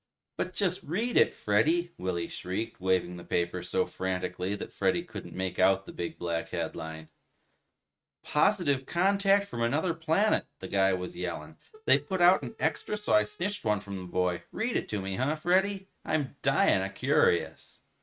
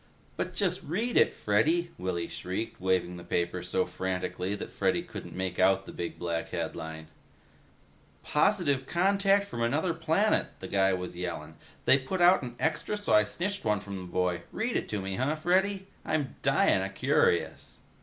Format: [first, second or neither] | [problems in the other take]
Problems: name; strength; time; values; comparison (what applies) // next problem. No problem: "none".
second | noise reduction (neural mask model RNNoise)